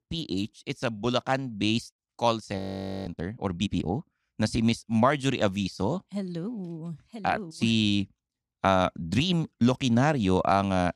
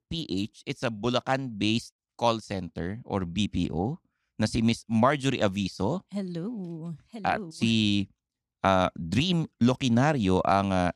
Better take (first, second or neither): second